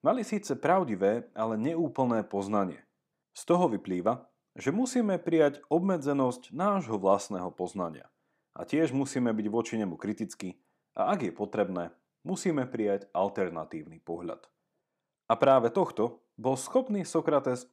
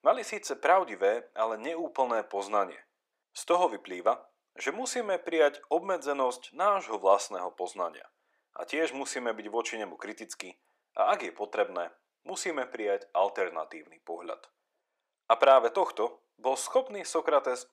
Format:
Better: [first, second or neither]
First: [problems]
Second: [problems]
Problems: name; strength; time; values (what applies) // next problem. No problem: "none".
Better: first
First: none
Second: thin; very; fading below 500 Hz